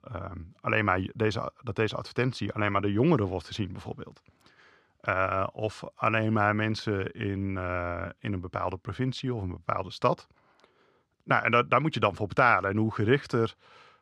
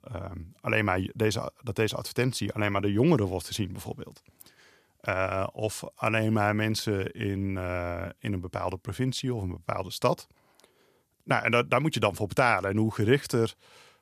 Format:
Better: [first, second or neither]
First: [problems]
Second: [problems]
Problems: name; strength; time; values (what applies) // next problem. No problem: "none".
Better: second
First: muffled; slightly; fading above 4 kHz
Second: none